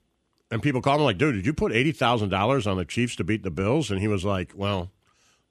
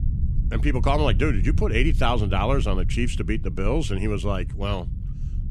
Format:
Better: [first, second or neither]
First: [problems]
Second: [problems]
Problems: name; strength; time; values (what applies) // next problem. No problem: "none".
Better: first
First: none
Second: low rumble; noticeable; throughout; 15 dB below the speech